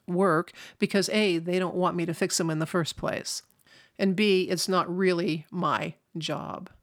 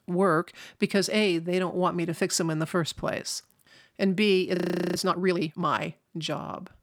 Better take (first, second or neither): first